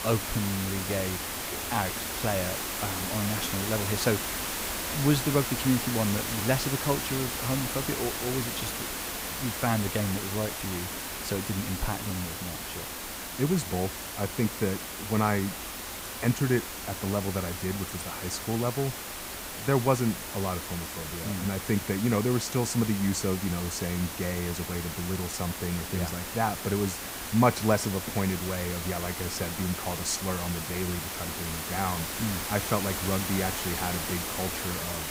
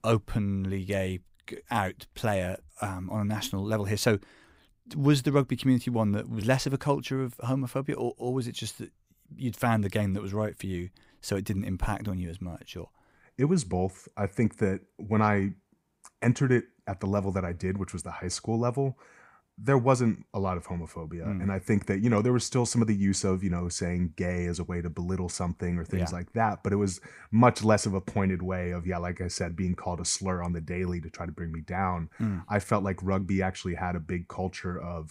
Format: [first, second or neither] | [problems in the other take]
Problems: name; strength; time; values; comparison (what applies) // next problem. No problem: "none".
second | hiss; loud; throughout; 2 dB below the speech